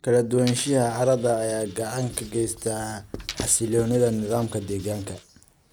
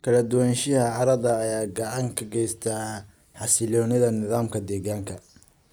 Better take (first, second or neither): second